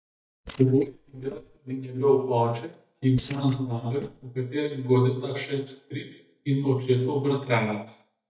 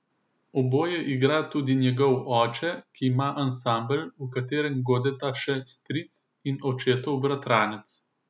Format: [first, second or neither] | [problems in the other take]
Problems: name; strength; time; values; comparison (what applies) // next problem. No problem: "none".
second | noise reduction (neural mask model DeepFilterNet 3)